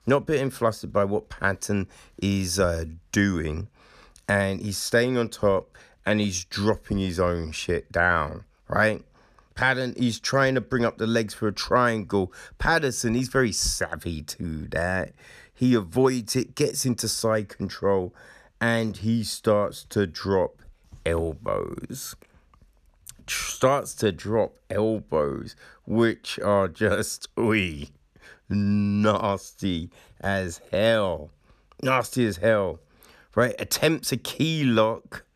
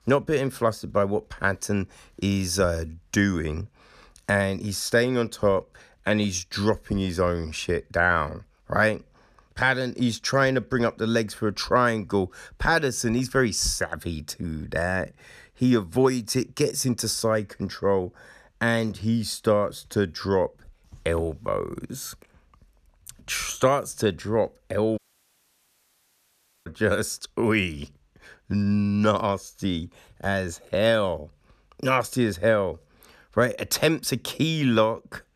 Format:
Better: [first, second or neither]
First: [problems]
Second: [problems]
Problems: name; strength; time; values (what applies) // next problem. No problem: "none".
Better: first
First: none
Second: audio cutting out; at 25 s for 1.5 s